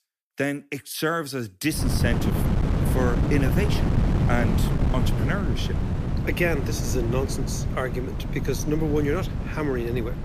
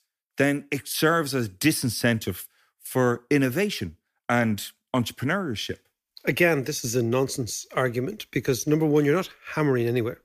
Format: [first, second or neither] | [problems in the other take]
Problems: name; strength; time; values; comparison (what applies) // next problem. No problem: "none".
second | wind noise on the microphone; heavy; from 2 s on; 5 dB below the speech